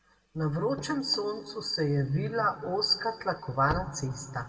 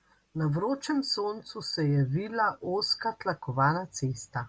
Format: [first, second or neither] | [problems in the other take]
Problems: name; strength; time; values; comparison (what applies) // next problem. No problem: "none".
second | background sound (Slam / Car); 15 dB below the speech // room echo; dies away in 1.2 s